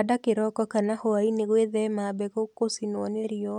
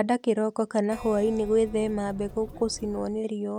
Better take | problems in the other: first | background sound (Keyboard (musical)); 16 dB below the speech

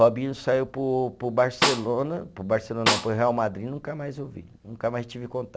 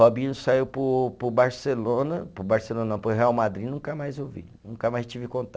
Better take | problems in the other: second | background sound (Snare drum); 2 dB below the speech

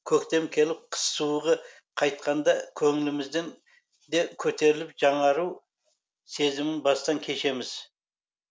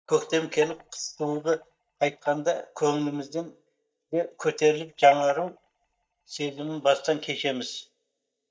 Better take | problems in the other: first | noise reduction (neural mask model DeepFilterNet 3)

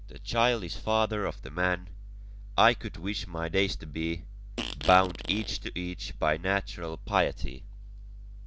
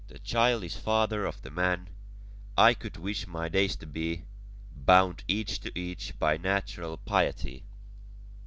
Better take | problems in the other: second | background sound (Fart); 9 dB below the speech

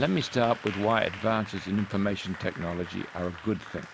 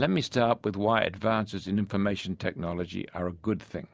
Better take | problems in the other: second | background sound (Applause); 14 dB below the speech

